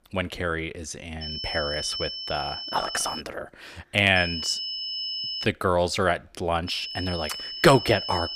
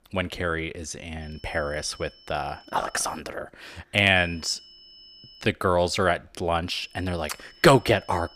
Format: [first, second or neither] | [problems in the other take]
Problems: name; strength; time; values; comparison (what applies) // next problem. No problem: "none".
second | high-pitched whine; loud; from 1 to 3 s, from 4 to 5.5 s and from 6.5 s on; 5 kHz, 5 dB below the speech; faint in the second